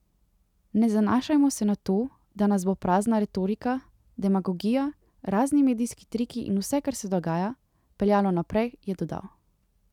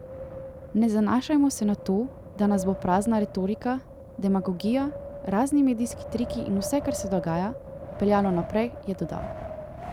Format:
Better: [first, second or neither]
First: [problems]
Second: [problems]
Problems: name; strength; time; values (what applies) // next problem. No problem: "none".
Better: first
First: none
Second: background sound (Wind); 11 dB below the speech